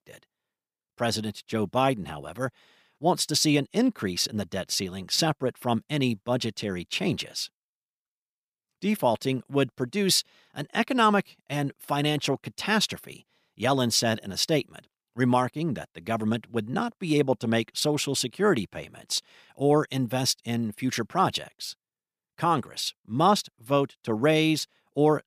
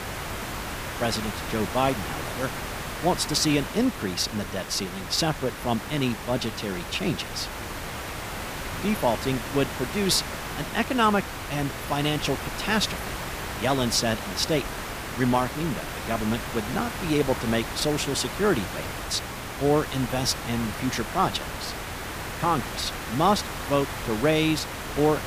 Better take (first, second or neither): first